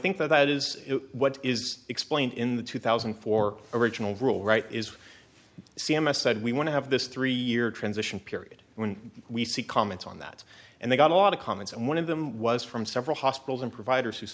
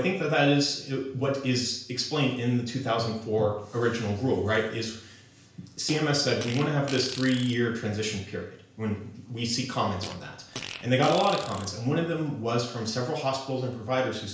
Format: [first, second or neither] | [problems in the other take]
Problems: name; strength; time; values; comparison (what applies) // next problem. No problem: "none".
first | background sound (Fart); 14 dB below the speech // room echo; dies away in 0.5 s